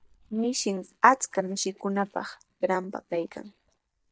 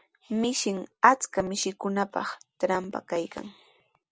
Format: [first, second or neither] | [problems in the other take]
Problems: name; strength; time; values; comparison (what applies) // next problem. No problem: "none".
second | noise reduction (neural mask model DeepFilterNet 3)